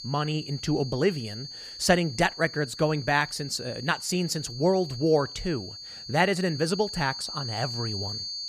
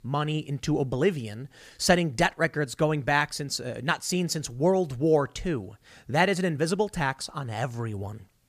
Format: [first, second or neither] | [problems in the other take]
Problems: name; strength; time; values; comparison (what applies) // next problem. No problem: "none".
second | high-pitched whine; loud; throughout; 4.5 kHz, 9 dB below the speech